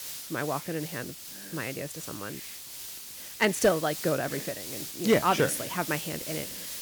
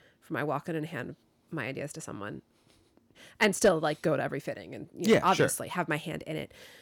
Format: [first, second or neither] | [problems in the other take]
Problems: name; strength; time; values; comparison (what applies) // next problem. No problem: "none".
second | hiss; loud; throughout; 7 dB below the speech